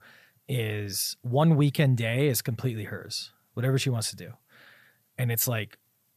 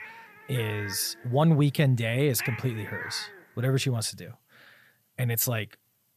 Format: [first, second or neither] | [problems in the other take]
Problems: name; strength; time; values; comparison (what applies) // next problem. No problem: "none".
first | animal sounds; noticeable; throughout; 10 dB below the speech